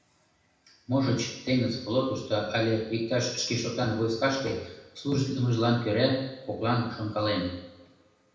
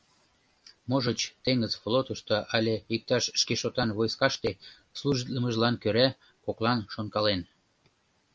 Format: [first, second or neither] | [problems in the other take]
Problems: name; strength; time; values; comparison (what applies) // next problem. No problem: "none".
second | room echo; dies away in 0.9 s